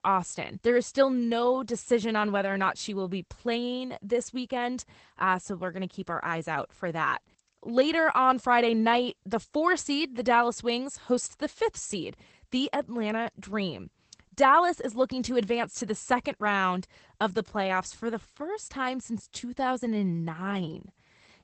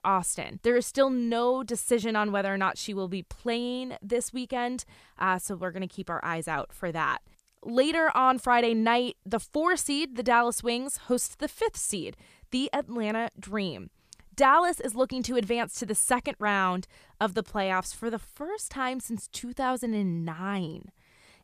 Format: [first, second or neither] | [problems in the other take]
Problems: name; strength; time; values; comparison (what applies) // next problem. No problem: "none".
second | garbled, watery; badly; nothing above 8 kHz